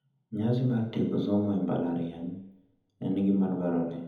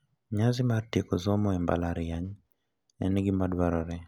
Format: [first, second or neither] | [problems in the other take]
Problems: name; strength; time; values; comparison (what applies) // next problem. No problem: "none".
second | room echo; dies away in 1 s